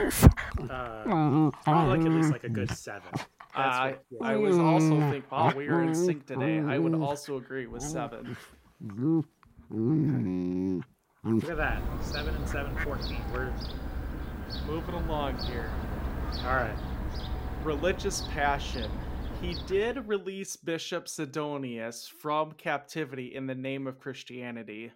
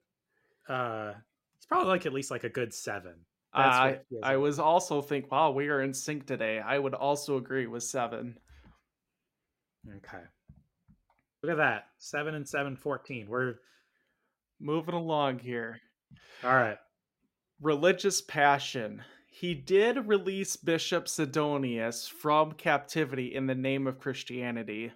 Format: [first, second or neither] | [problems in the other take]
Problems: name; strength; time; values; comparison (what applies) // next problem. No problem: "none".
second | animal sounds; very loud; until 20 s; 4 dB above the speech